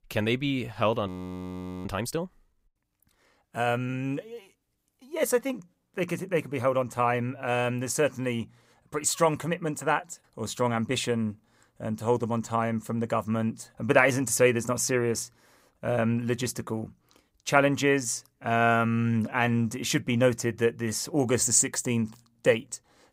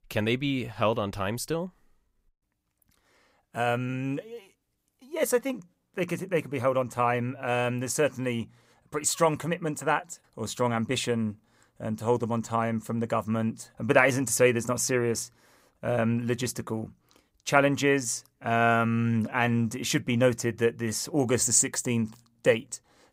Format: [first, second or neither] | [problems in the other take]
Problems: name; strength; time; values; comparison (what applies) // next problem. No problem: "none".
second | audio freezing; at 1 s for 1 s